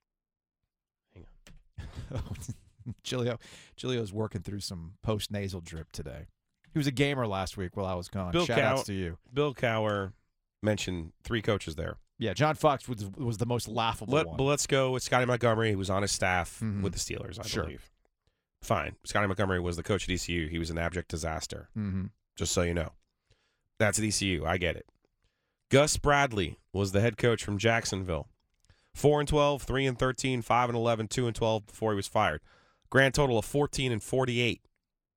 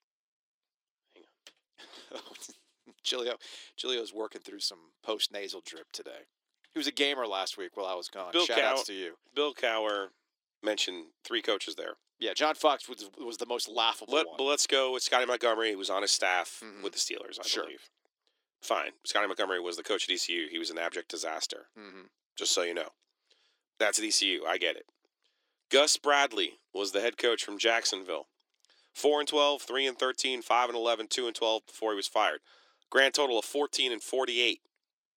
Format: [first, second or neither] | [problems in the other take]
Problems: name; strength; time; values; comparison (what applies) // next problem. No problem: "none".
first | thin; somewhat; fading below 300 Hz